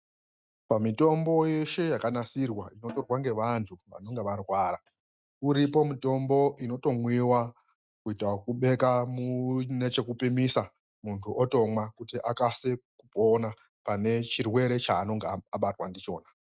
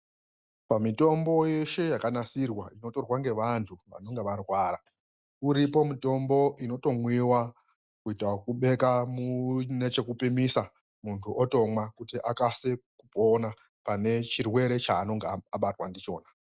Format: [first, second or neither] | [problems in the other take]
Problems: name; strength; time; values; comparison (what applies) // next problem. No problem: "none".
second | noise reduction (neural mask model RNNoise)